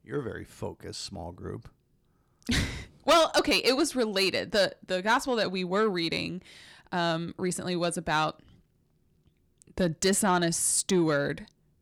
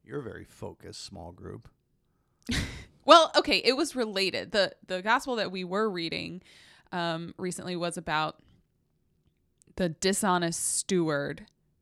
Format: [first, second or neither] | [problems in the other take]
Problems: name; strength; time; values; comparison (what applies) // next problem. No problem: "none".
second | distortion; heavy; 7 dB below the speech